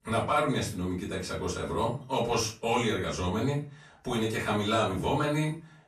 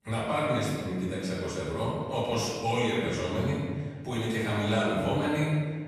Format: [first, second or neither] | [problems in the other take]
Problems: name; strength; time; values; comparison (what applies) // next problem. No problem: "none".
first | room echo; strong; dies away in 1.5 s; slight in the first // off-mic speech; far; far in the first